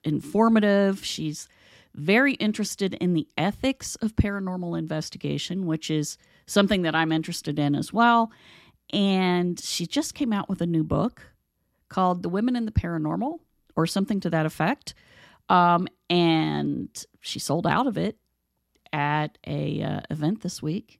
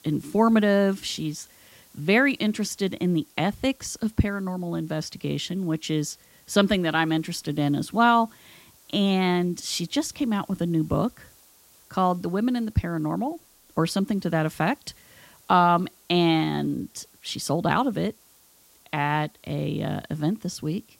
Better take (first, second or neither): first